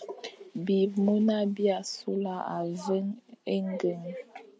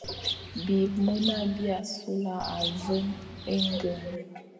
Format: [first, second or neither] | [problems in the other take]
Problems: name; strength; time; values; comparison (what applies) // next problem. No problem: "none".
first | background sound (Bird); 7 dB below the speech // room echo; dies away in 1.8 s